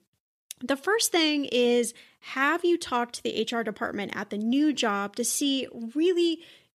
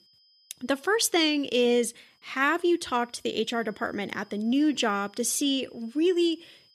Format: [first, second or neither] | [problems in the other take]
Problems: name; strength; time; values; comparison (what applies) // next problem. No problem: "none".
first | high-pitched whine; faint; throughout; 5 kHz, 35 dB below the speech